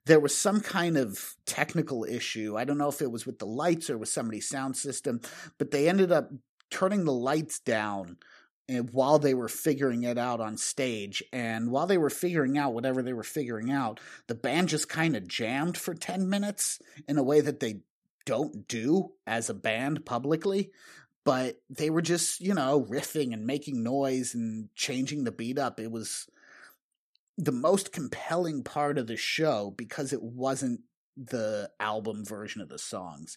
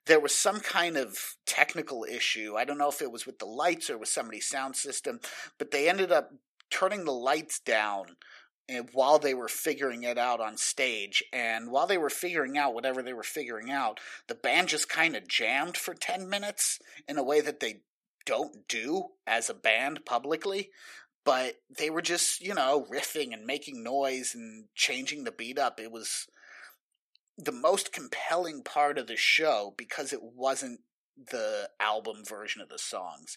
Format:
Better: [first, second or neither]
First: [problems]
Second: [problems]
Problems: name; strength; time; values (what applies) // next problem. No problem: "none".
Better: first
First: none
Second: thin; somewhat; fading below 500 Hz